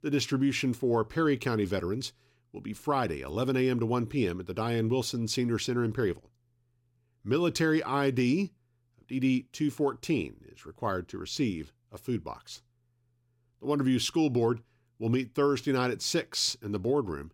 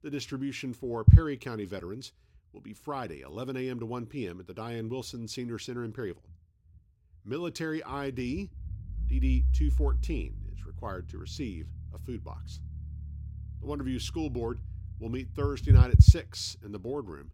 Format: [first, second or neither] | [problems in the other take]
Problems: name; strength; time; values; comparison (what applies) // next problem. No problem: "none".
first | low rumble; loud; throughout; 1 dB below the speech